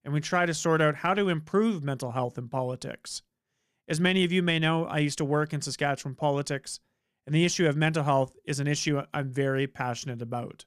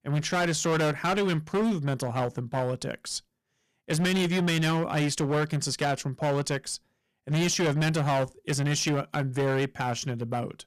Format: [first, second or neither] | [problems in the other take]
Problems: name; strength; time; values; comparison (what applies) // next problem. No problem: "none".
first | distortion; heavy; 16% of the sound clipped